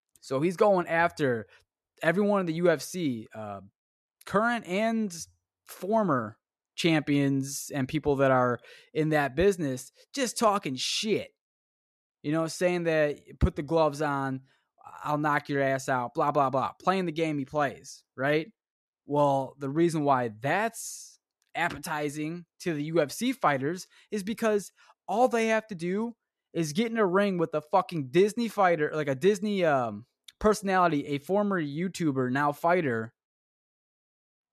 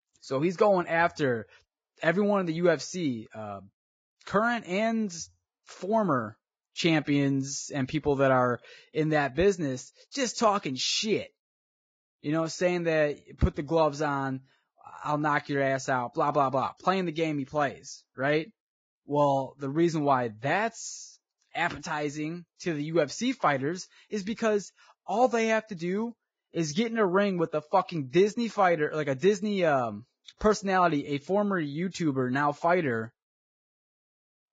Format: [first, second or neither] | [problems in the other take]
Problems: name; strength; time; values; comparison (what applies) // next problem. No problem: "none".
first | garbled, watery; badly; nothing above 7.5 kHz